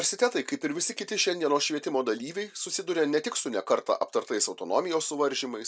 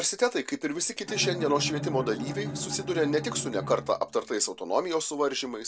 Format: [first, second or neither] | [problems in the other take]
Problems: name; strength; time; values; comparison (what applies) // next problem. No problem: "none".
first | background sound (Bowed string instrument); 9 dB below the speech